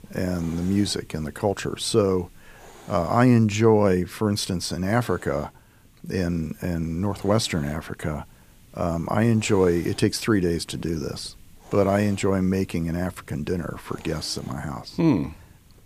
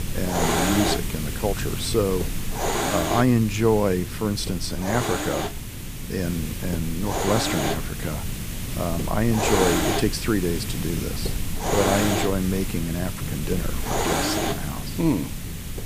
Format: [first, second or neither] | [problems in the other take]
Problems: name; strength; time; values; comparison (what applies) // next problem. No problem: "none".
first | hiss; loud; throughout; 2 dB below the speech; faint in the first